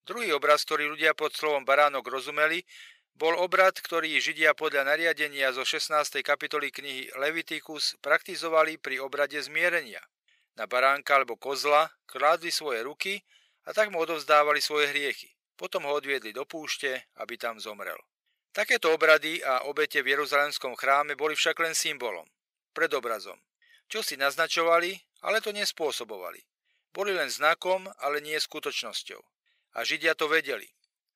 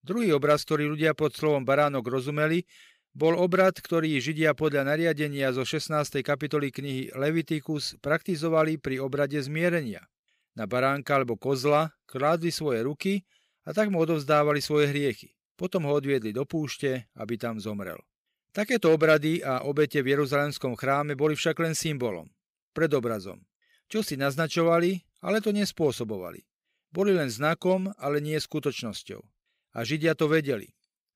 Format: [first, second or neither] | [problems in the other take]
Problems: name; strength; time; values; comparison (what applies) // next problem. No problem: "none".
second | thin; very; fading below 750 Hz